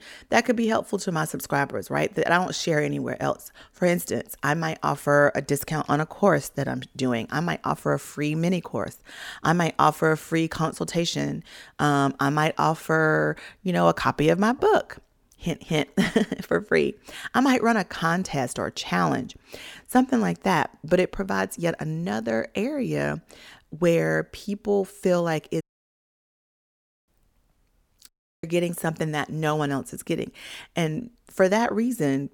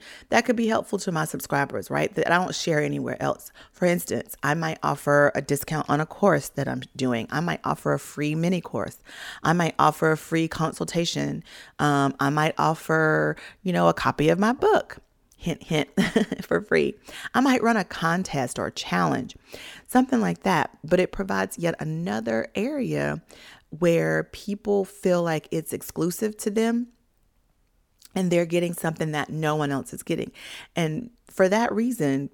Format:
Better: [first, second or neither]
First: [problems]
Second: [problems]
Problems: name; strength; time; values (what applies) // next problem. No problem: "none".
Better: second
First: audio cutting out; at 26 s for 1.5 s and at 28 s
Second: none